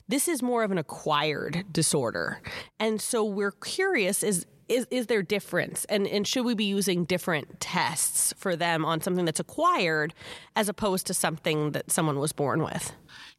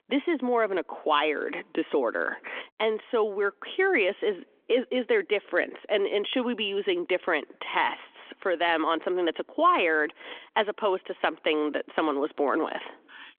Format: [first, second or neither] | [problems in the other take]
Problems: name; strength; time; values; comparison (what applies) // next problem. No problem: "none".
first | phone-call audio; nothing above 3.5 kHz